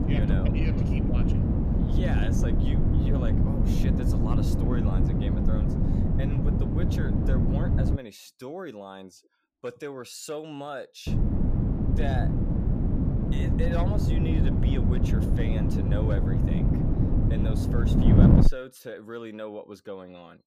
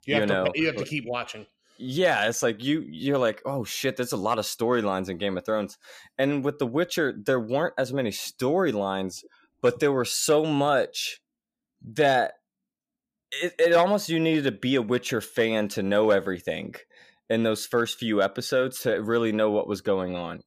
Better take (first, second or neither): second